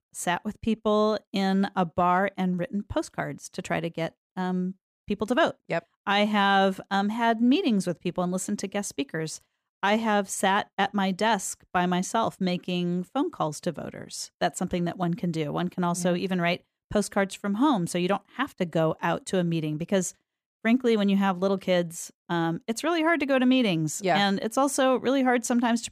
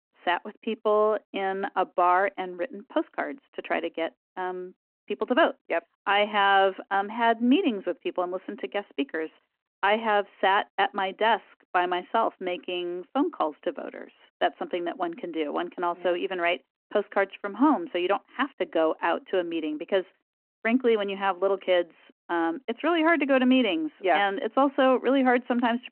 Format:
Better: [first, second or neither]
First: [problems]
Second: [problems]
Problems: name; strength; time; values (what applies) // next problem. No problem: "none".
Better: first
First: none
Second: phone-call audio